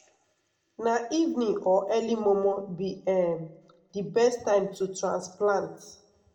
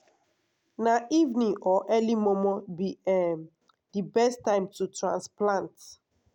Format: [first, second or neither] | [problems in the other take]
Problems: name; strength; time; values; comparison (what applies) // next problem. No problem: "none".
second | room echo; dies away in 0.5 s